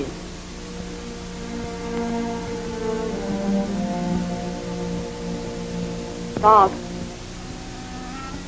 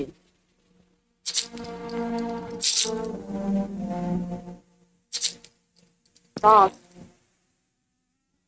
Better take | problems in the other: first | noise reduction (neural mask model RNNoise)

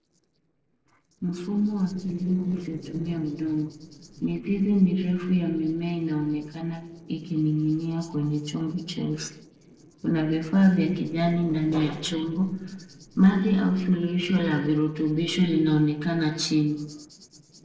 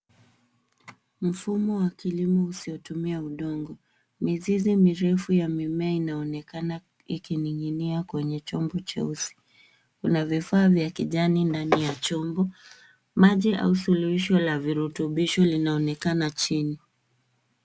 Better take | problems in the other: second | noise reduction (neural separator model SepFormer DNS4)

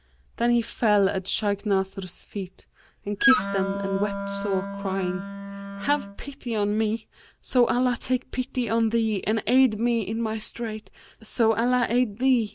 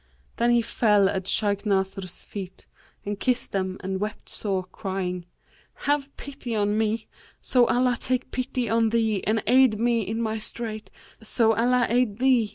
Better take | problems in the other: second | background sound (Wind instrument, woodwind instrument); 4 dB below the speech

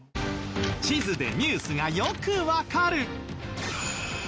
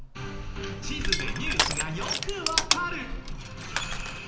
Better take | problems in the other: first | background sound (Crushing); 4 dB above the speech // room echo; dies away in 0.8 s

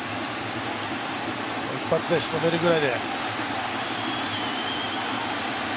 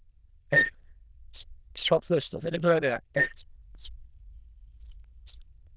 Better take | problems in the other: first | noise reduction (neural diffusion model UNIVERSE++)

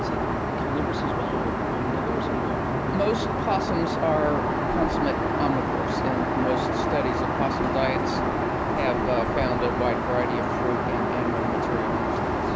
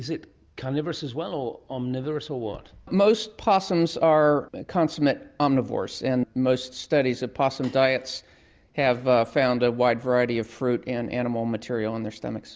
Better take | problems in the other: second | background sound (Aircraft); 5 dB above the speech

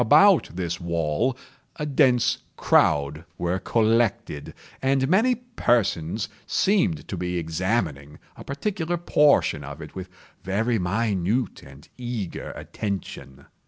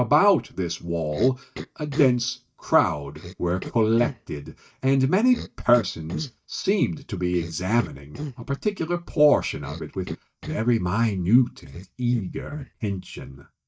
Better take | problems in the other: first | noise reduction (neural mask model DeepFilterNet 3)

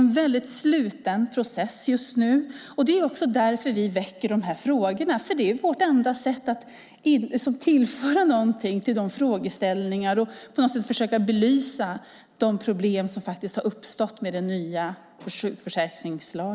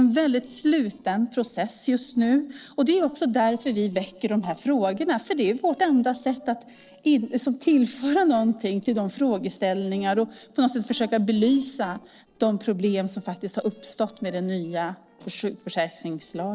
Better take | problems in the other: first | noise reduction (neural separator model SepFormer DNS4)

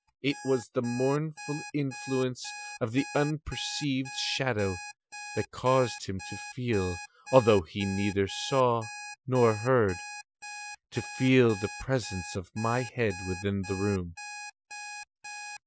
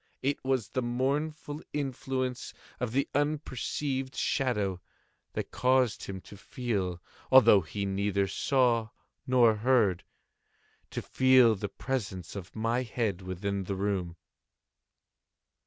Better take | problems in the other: second | noise reduction (classical method Wiener filter)

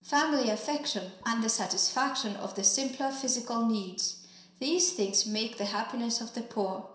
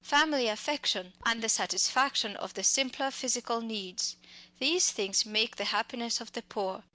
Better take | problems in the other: second | room echo; dies away in 0.7 s

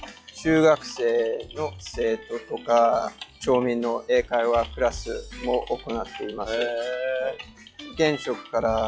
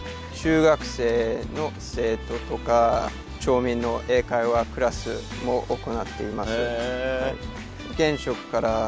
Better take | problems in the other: second | noise reduction (classical method log-MMSE)

